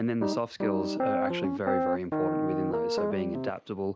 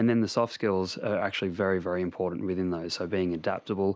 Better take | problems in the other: second | background sound (Piano); 3 dB above the speech

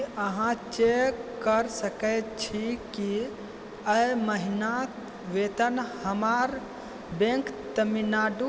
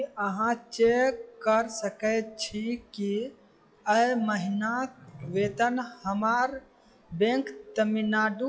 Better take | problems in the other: first | noise reduction (classical method log-MMSE)

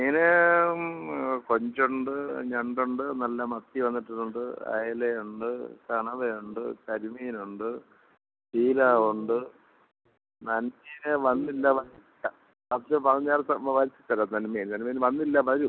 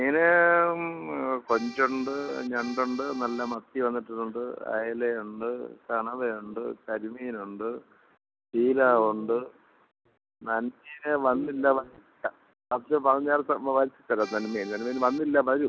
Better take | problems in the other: first | background sound (Accordion); 18 dB below the speech

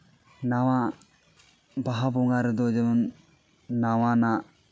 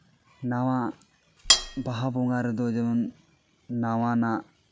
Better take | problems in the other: first | background sound (Cutlery, silverware); 4 dB above the speech

